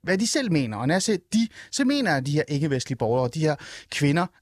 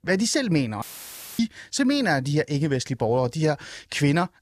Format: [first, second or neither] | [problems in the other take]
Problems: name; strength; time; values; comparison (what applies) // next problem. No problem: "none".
first | audio cutting out; filled with static; at 1 s for 0.5 s